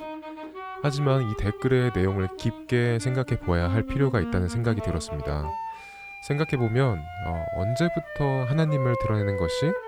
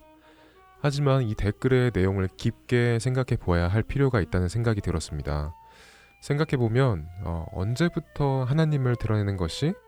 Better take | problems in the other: second | background music; loud; throughout; 8 dB below the speech; faint in the second

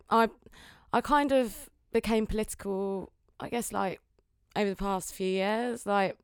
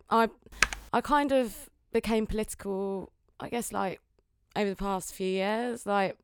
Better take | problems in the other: first | keyboard typing; loud; at 0.5 s; peak 2 dB above the speech

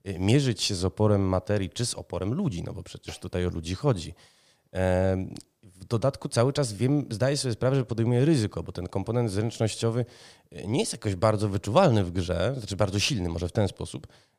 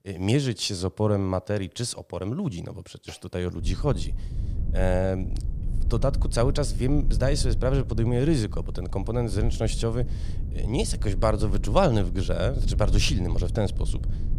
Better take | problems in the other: first | low rumble; noticeable; from 3.5 s on; 15 dB below the speech

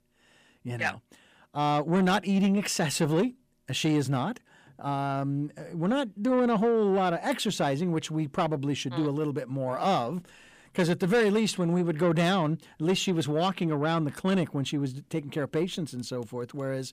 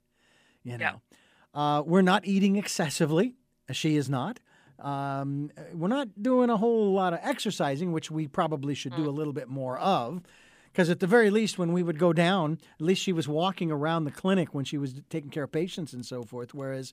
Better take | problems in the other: second | distortion; slight; 10 dB below the speech

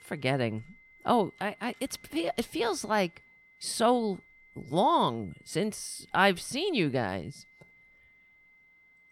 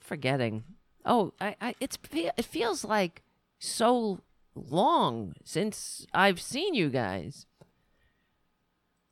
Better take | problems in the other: second | high-pitched whine; faint; throughout; 2 kHz, 30 dB below the speech

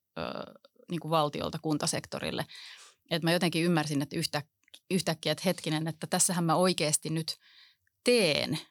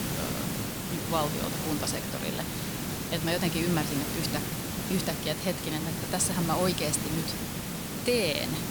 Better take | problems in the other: first | hiss; loud; throughout; 1 dB below the speech

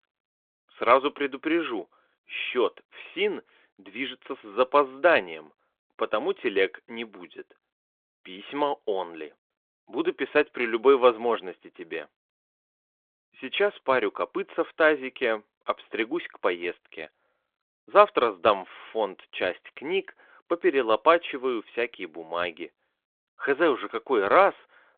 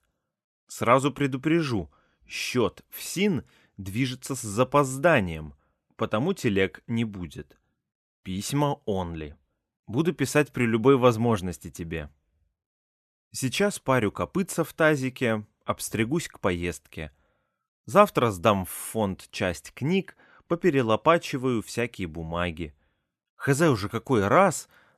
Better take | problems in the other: second | phone-call audio

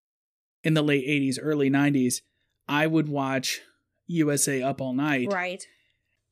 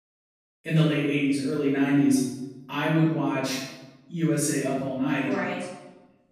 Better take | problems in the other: first | off-mic speech; far // room echo; strong; dies away in 0.9 s

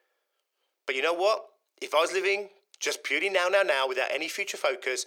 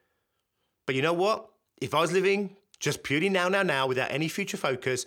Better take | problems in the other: second | thin; very; fading below 400 Hz

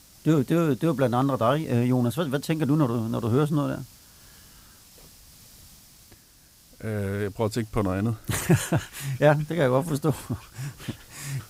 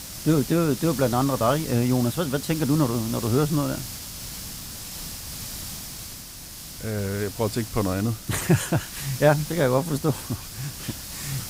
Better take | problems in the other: first | hiss; loud; throughout; 10 dB below the speech; faint in the first

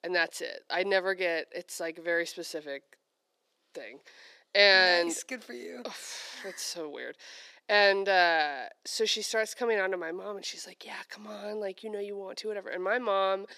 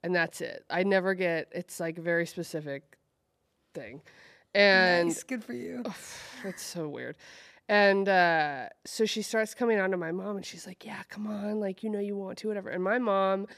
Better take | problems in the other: second | thin; somewhat; fading below 350 Hz

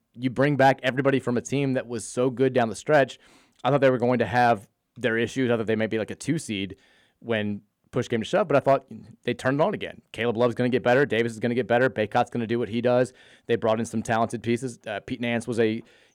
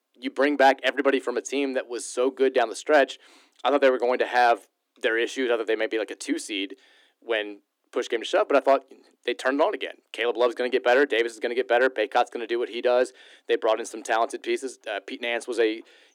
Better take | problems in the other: first | thin; somewhat; fading below 300 Hz

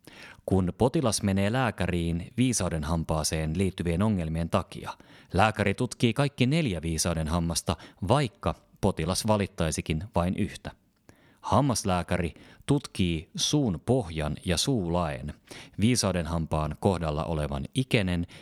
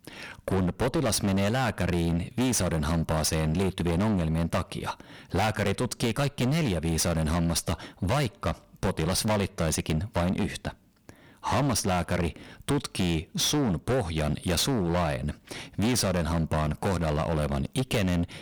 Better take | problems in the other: first | distortion; heavy; 25% of the sound clipped

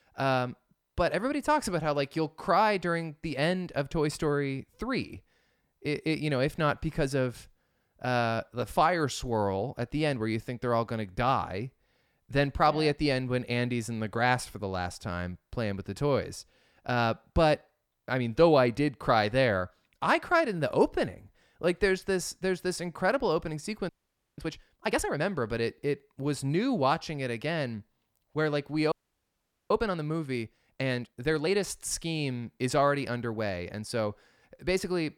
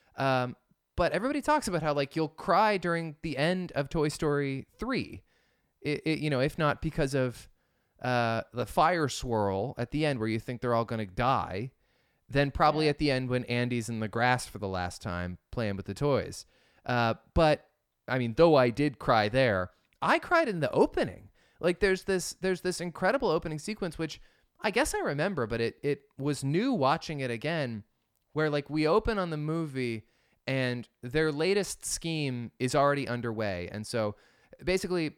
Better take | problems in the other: second | audio freezing; at 24 s and at 29 s for 1 s

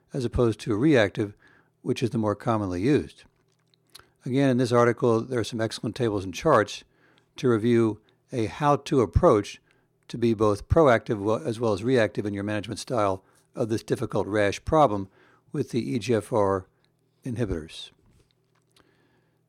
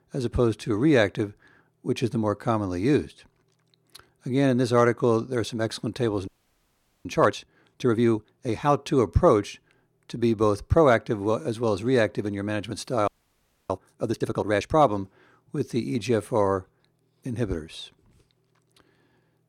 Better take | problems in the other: first | audio freezing; at 6.5 s for 1 s and at 13 s for 0.5 s

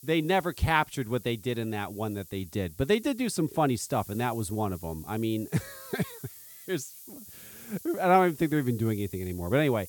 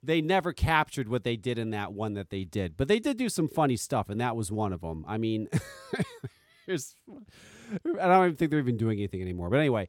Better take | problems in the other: second | hiss; noticeable; throughout; 15 dB below the speech

